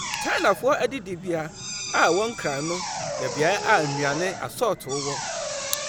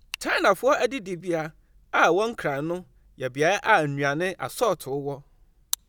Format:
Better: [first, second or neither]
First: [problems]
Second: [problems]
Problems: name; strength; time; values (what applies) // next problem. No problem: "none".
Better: second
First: background sound (Drill); 7 dB below the speech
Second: none